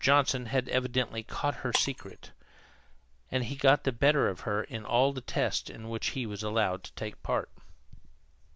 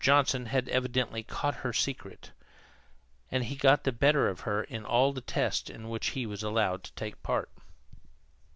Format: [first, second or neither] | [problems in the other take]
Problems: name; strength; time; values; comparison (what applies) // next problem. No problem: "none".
second | background sound (Shatter); 14 dB below the speech